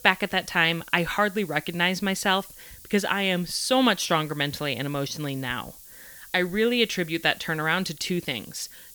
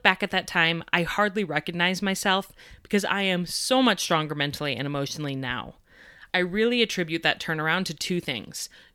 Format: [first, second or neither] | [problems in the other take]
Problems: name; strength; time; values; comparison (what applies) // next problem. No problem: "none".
second | hiss; noticeable; throughout; 20 dB below the speech